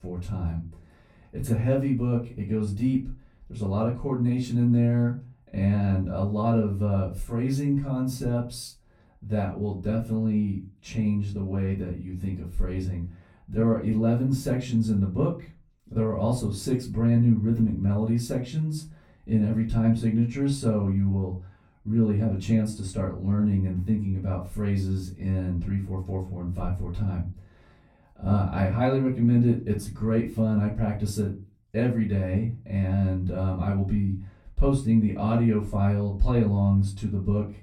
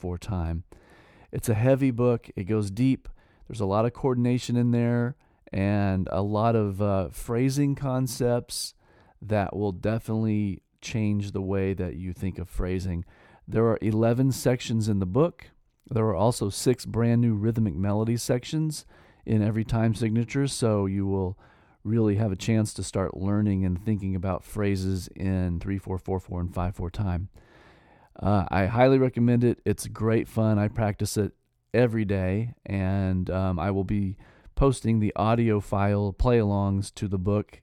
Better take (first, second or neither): second